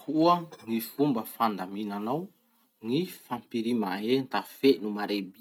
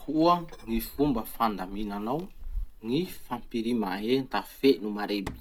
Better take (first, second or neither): first